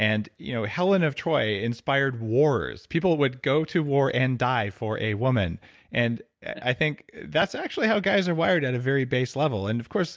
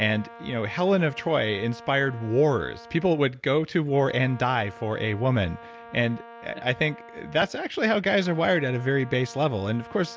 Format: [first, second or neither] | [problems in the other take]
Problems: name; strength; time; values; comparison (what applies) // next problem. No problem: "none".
first | background sound (Brass instrument); 19 dB below the speech